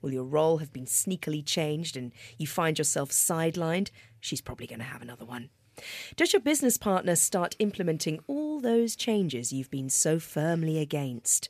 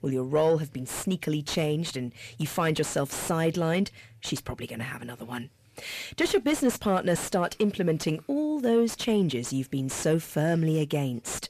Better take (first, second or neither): first